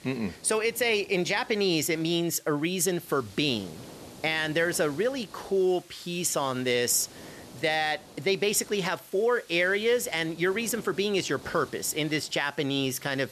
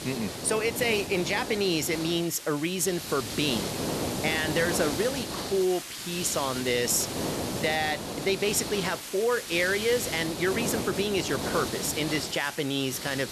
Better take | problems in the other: first | hiss; loud; throughout; 5 dB below the speech; faint in the first

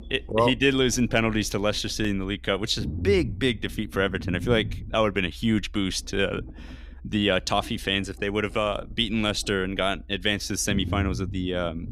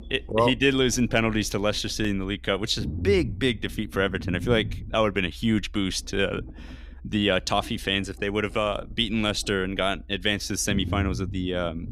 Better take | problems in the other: neither | low rumble; faint; throughout; 20 dB below the speech; the same in both

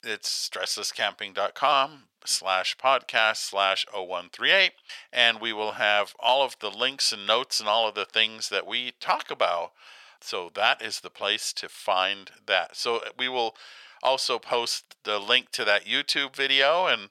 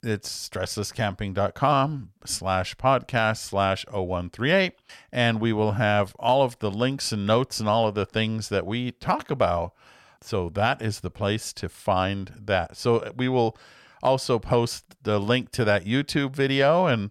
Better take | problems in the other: second | thin; very; fading below 600 Hz

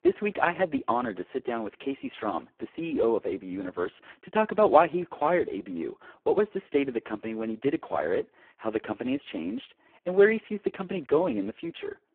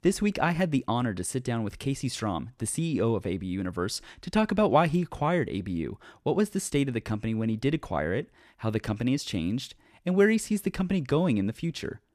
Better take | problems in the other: second | phone-call audio; poor line

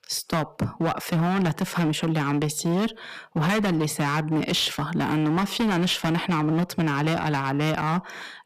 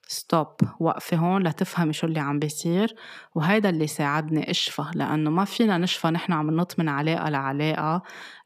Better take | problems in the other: second | distortion; heavy; 18% of the sound clipped

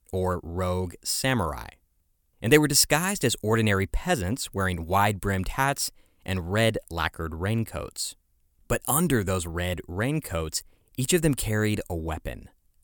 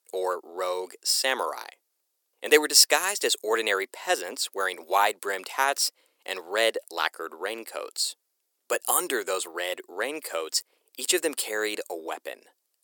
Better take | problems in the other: first | thin; very; fading below 400 Hz

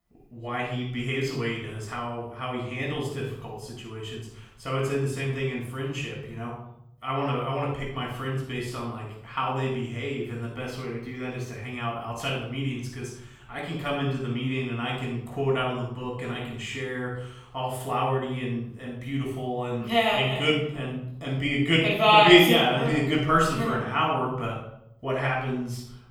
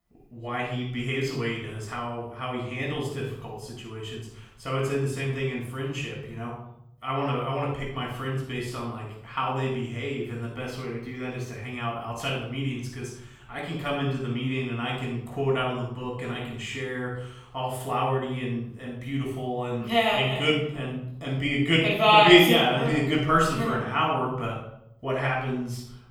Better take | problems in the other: neither | off-mic speech; far; the same in both // room echo; noticeable; dies away in 0.7 s; the same in both

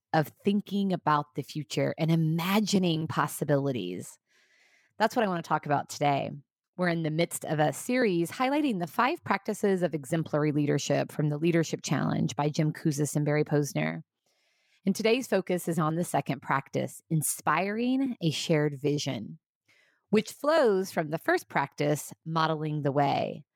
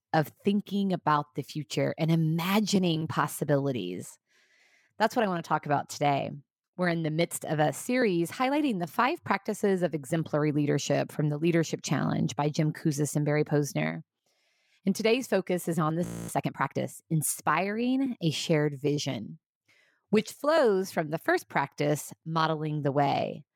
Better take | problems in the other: first | audio freezing; at 16 s

